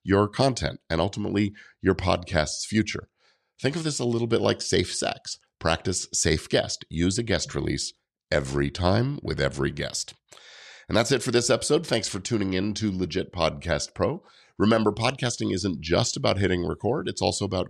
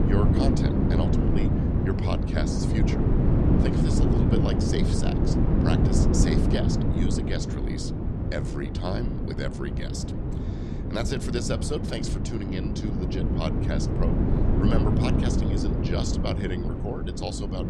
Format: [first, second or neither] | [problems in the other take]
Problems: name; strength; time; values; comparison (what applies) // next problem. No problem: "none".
first | wind noise on the microphone; heavy; 2 dB above the speech